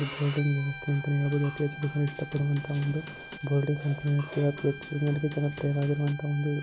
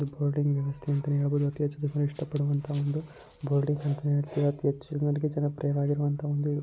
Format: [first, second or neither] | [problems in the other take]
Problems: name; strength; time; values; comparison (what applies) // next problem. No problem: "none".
second | background sound (Bowed string instrument + Hammer / Wood); 14 dB below the speech